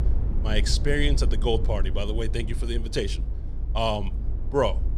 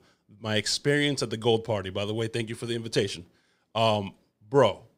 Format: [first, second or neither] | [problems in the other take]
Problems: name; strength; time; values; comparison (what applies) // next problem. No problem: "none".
second | low rumble; noticeable; throughout; 15 dB below the speech